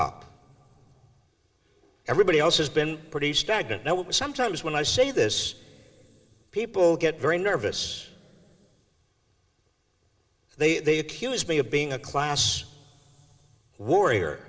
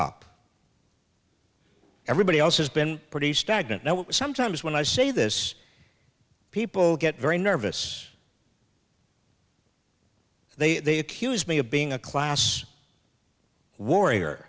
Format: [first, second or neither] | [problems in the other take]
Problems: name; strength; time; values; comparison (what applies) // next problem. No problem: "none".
second | room echo; dies away in 2.2 s